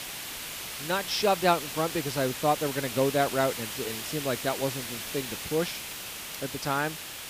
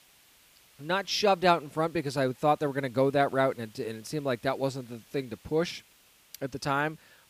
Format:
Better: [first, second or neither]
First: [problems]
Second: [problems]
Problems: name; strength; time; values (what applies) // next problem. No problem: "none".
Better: second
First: hiss; loud; throughout; 6 dB below the speech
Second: hiss; faint; throughout; 30 dB below the speech